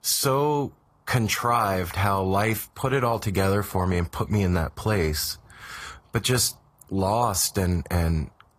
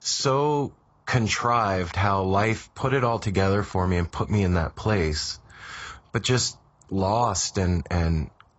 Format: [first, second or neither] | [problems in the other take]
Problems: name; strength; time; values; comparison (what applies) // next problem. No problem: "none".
first | garbled, watery; badly; nothing above 7.5 kHz; slightly in the first